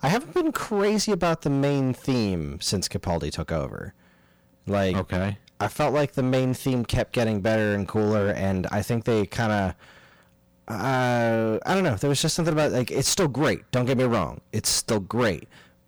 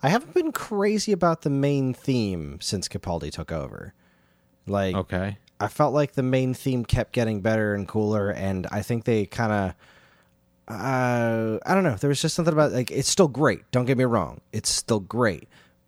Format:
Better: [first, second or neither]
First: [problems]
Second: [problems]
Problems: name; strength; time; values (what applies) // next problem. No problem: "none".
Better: second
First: distortion; heavy; 14% of the sound clipped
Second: none